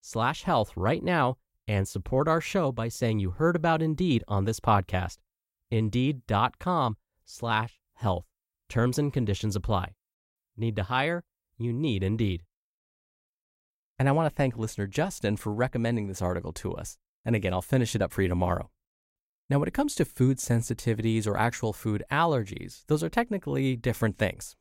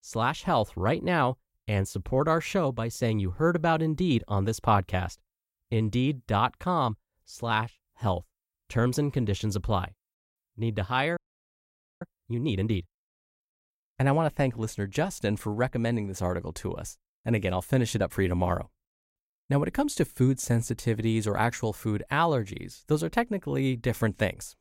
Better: first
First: none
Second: audio freezing; at 11 s for 1 s

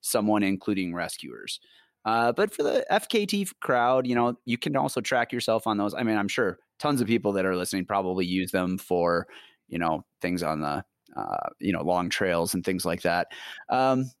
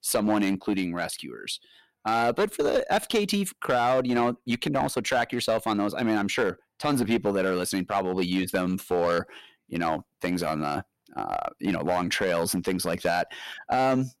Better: first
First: none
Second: distortion; slight; 5% of the sound clipped

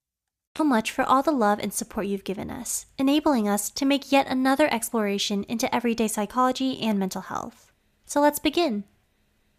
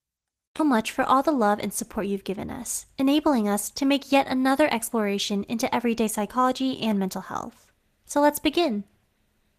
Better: first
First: none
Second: garbled, watery; slightly; nothing above 14.5 kHz

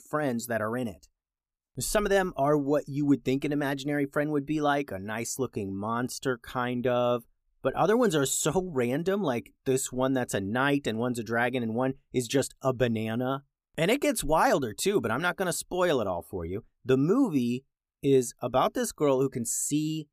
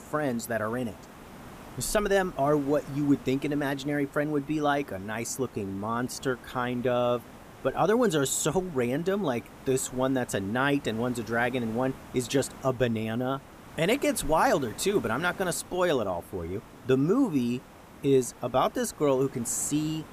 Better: first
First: none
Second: hiss; noticeable; throughout; 20 dB below the speech

